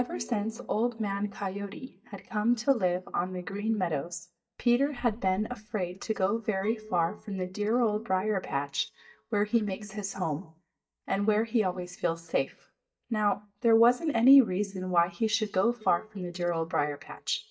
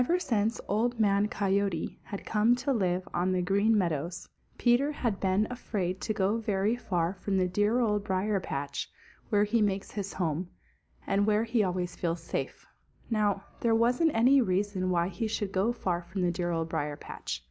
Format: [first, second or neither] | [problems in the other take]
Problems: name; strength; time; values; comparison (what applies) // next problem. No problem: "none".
second | noise reduction (neural mask model DeepFilterNet 3)